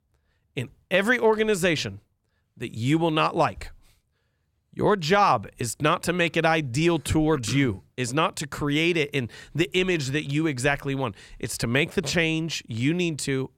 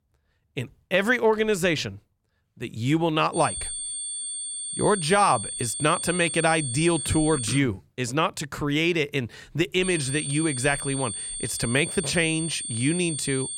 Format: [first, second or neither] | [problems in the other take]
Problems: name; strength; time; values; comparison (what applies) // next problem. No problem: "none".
first | high-pitched whine; loud; from 3.5 to 7.5 s and from 10 s on; 8.5 kHz, 5 dB below the speech